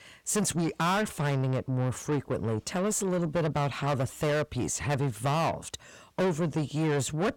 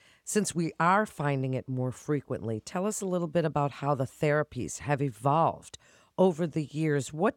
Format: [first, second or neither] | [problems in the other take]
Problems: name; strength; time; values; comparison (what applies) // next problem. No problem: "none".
second | distortion; heavy; 6 dB below the speech